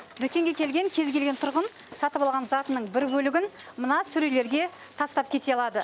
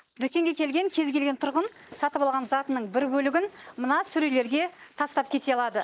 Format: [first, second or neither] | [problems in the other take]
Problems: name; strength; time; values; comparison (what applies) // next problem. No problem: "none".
first | noise reduction (neural mask model Resemble Enhance denoiser)